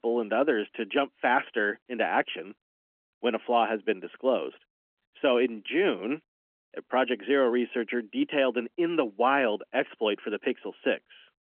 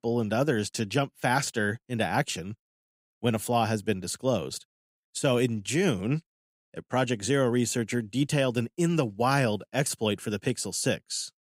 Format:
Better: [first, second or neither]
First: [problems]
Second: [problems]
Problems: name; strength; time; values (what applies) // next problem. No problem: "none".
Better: second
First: phone-call audio; nothing above 3.5 kHz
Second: none